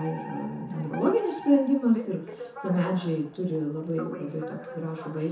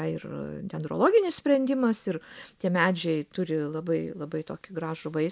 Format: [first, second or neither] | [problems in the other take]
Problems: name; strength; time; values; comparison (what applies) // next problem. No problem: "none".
second | background sound (Alarm); 14 dB below the speech // room echo; dies away in 0.7 s